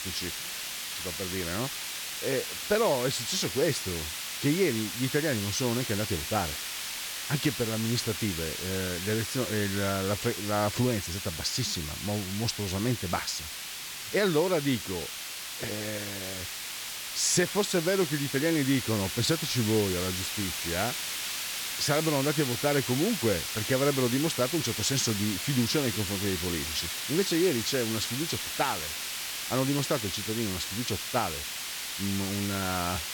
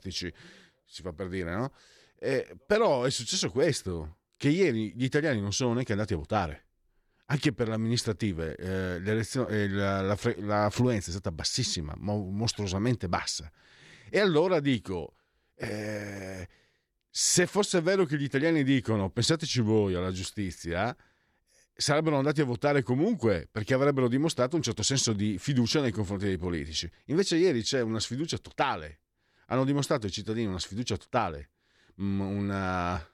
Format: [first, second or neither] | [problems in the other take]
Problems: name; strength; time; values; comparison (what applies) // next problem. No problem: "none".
second | hiss; loud; throughout; 3 dB below the speech